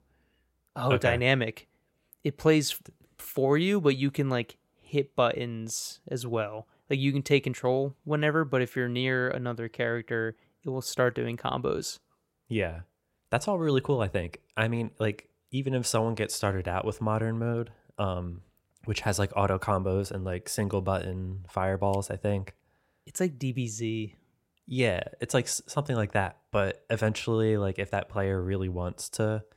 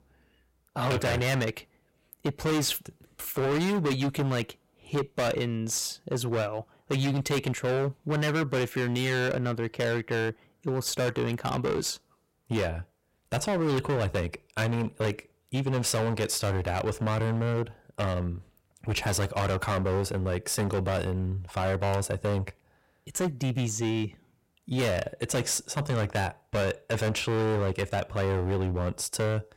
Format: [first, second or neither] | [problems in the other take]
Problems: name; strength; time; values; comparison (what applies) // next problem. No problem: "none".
first | distortion; heavy; 22% of the sound clipped